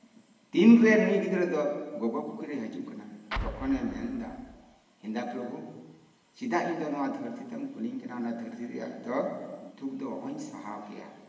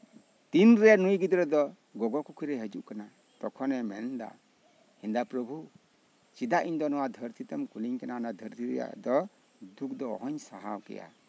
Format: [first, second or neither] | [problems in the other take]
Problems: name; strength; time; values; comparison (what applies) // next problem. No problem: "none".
second | background sound (Explosion); 9 dB below the speech // room echo; dies away in 1.3 s